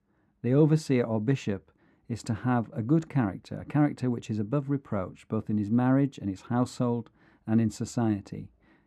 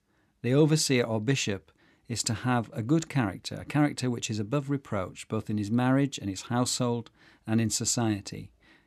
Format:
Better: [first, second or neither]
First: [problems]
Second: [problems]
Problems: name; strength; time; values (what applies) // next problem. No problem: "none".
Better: second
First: muffled; slightly; fading above 2 kHz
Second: none